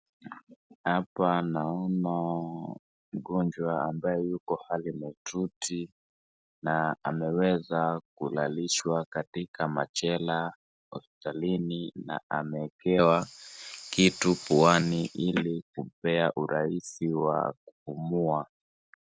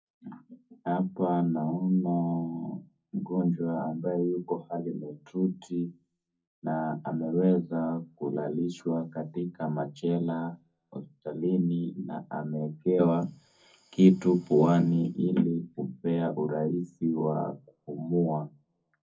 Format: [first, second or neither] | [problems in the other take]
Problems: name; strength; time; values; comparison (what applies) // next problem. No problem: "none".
first | room echo; dies away in 0.3 s